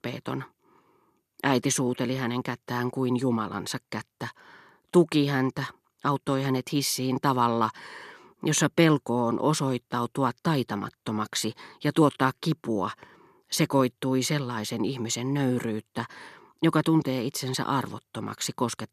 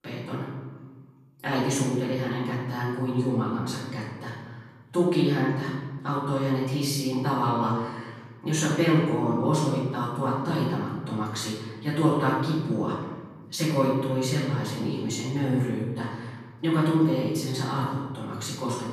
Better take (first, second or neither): first